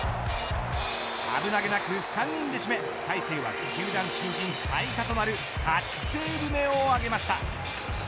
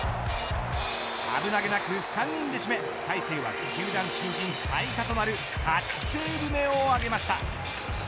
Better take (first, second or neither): first